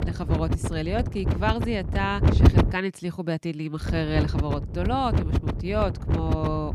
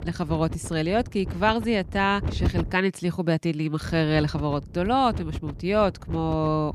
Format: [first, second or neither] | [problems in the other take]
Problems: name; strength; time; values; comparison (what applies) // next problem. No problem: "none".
second | wind noise on the microphone; heavy; until 2.5 s and from 4 s on; 4 dB below the speech; occasional gusts in the second